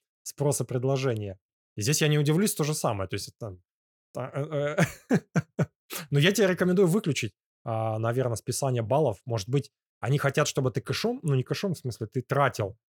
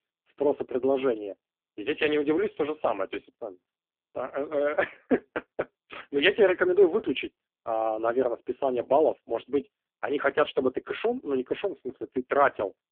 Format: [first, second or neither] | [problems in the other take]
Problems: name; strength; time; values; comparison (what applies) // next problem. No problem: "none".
first | phone-call audio; poor line